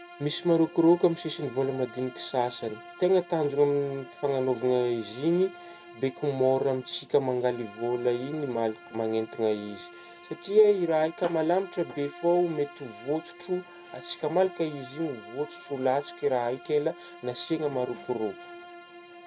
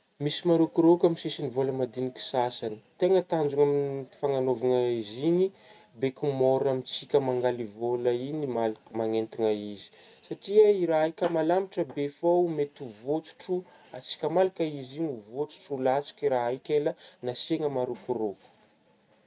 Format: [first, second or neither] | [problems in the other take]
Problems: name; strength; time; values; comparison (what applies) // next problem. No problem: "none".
second | background sound (Bowed string instrument); 18 dB below the speech